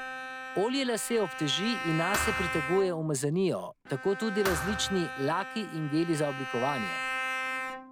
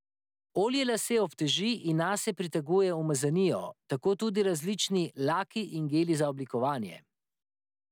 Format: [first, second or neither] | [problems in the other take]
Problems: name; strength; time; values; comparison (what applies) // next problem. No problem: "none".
second | background sound (Thump, thud + Bowed string instrument); 5 dB below the speech